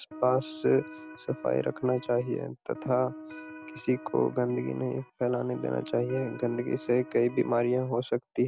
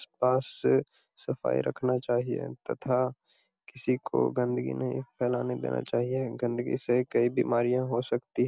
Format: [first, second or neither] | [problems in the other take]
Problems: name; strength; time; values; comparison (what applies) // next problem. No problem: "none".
second | background sound (Electric guitar); 16 dB below the speech